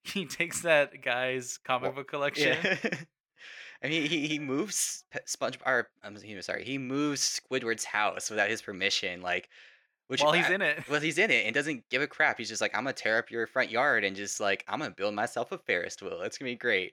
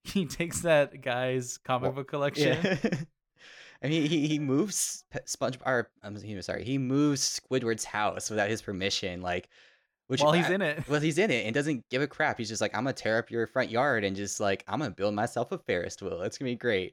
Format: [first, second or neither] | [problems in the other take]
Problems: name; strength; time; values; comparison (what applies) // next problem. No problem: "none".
second | thin; very slightly; fading below 350 Hz